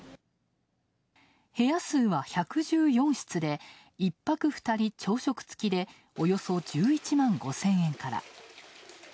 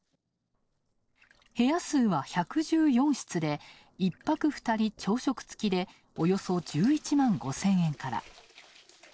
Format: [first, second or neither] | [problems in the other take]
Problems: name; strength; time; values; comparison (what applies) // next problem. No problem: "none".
first | noise reduction (neural separator model SepFormer DNS4)